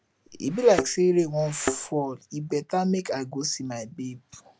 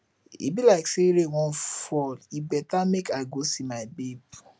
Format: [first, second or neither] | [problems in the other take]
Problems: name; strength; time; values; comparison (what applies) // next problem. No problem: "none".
second | background sound (Thump, thud); 7 dB below the speech